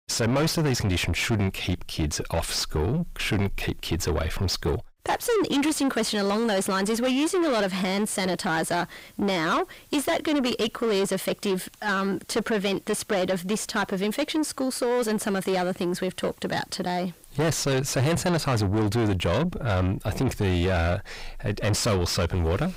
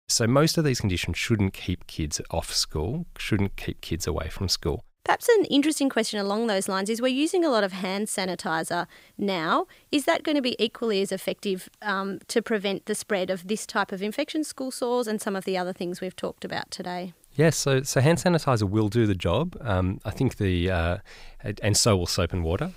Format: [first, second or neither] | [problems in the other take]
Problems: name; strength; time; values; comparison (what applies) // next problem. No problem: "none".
second | distortion; heavy; 6 dB below the speech